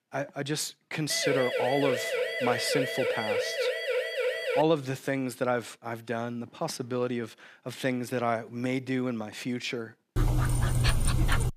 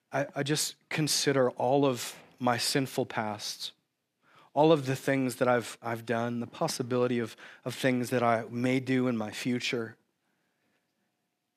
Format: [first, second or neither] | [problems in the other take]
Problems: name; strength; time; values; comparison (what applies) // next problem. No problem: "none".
second | siren; loud; from 1 to 4.5 s; peak 3 dB above the speech // dog barking; loud; from 10 s on; peak 5 dB above the speech